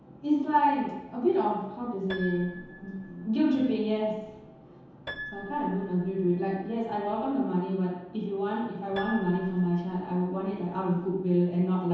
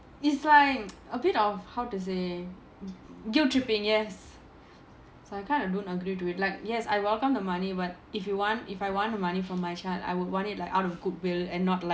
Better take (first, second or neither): second